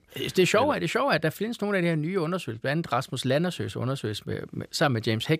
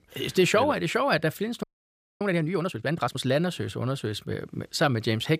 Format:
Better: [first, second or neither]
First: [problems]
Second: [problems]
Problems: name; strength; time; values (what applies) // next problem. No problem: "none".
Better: first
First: none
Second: audio freezing; at 1.5 s for 0.5 s